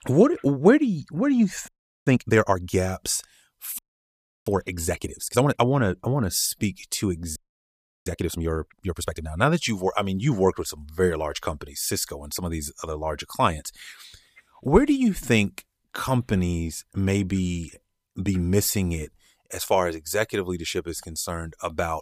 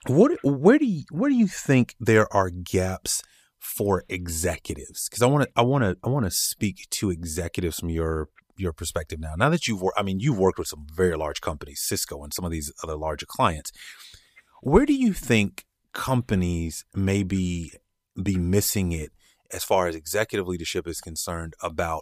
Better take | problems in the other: second | audio freezing; at 1.5 s, at 4 s for 0.5 s and at 7.5 s for 0.5 s

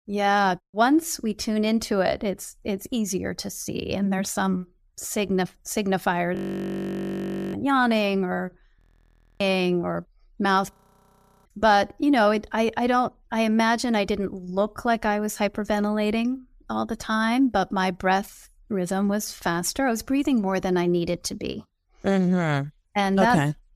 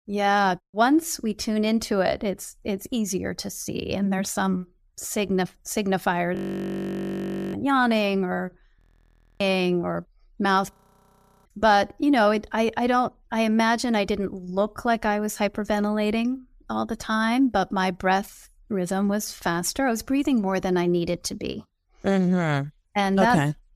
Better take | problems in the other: neither | audio freezing; at 6.5 s for 1 s, at 9 s for 0.5 s and at 11 s for 0.5 s; the same in both

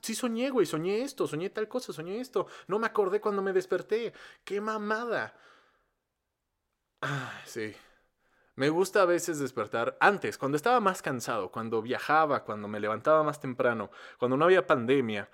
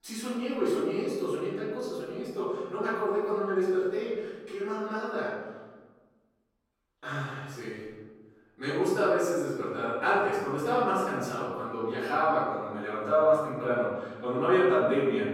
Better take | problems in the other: first | off-mic speech; far // room echo; strong; dies away in 1.3 s

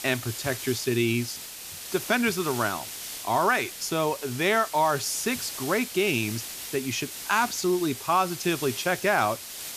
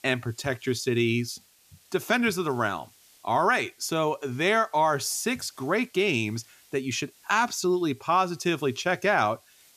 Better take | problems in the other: second | hiss; loud; throughout; 9 dB below the speech; faint in the second

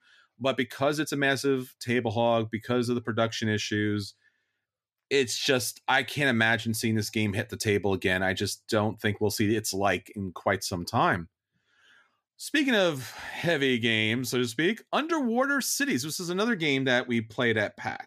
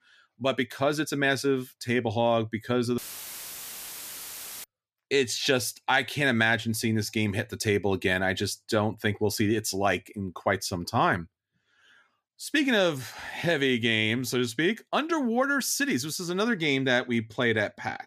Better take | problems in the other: first | audio cutting out; filled with static; at 3 s for 1.5 s

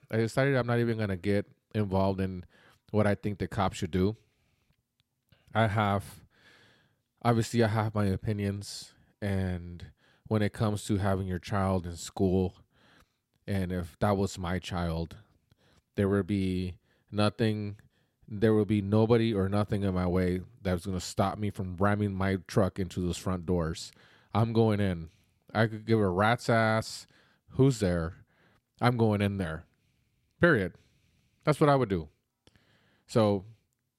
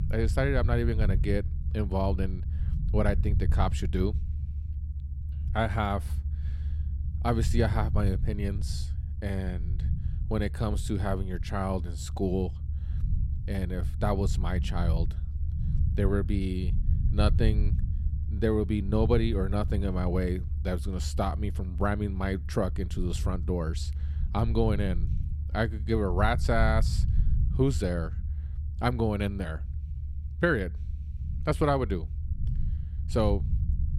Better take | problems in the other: first | low rumble; noticeable; throughout; 15 dB below the speech

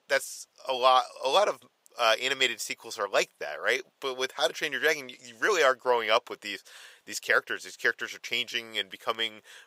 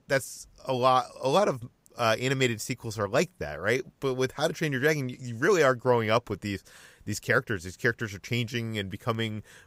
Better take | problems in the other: second | thin; very; fading below 600 Hz

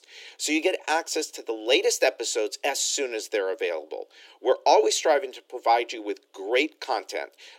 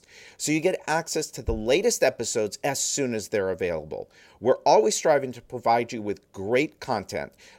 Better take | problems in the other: second | thin; somewhat; fading below 300 Hz

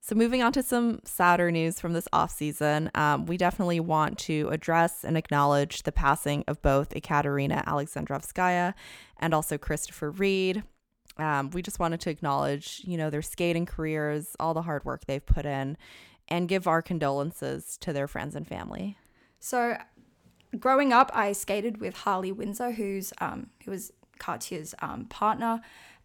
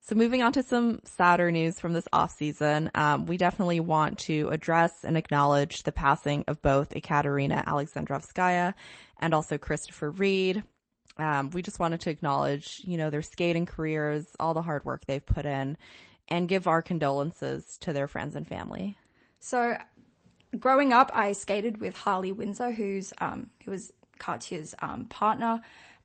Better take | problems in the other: first | garbled, watery; slightly; nothing above 8 kHz

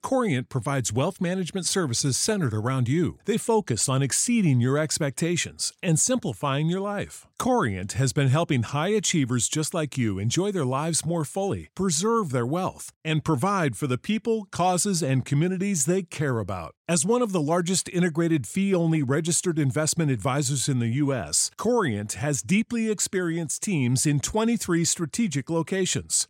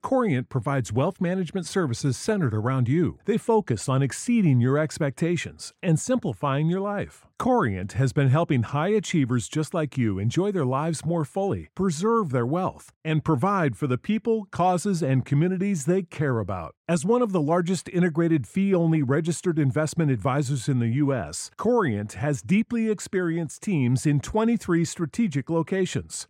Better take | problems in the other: first | muffled; slightly; fading above 3 kHz

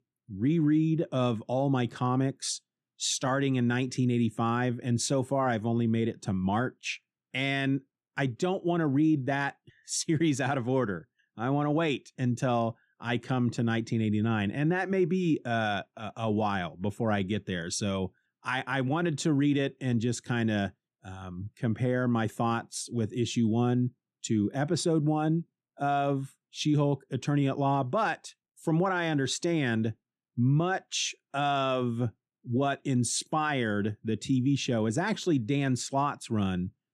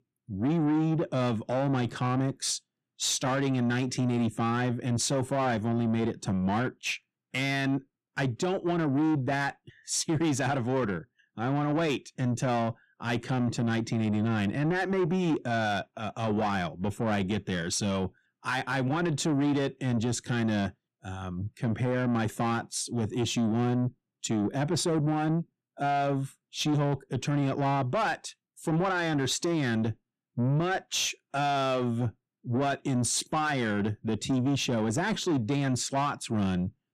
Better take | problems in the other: first | distortion; slight; 10 dB below the speech

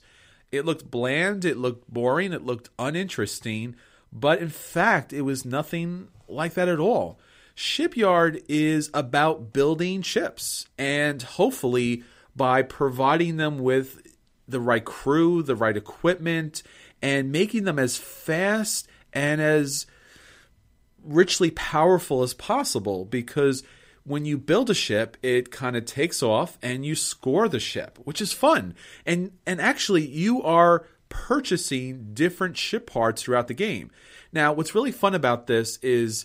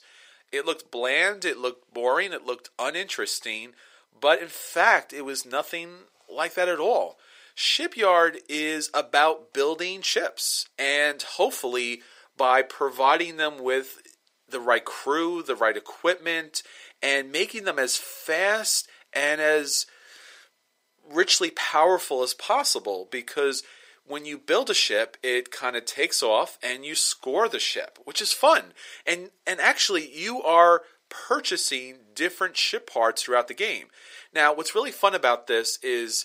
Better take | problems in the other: first | thin; very; fading below 450 Hz

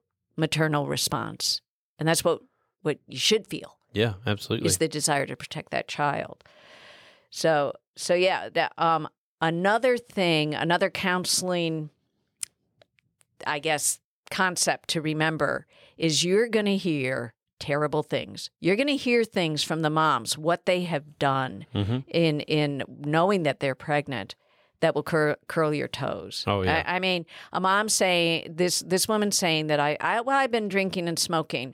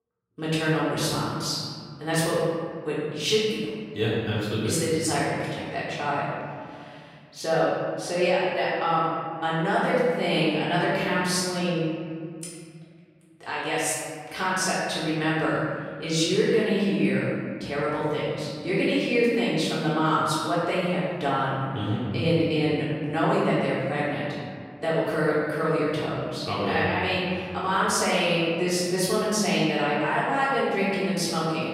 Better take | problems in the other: first | off-mic speech; far // room echo; strong; dies away in 2.1 s

